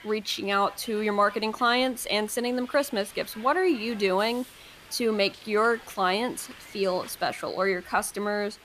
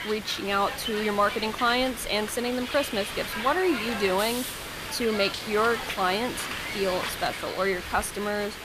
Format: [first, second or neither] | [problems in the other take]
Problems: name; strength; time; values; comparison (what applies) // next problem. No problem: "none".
first | hiss; loud; throughout; 6 dB below the speech; faint in the first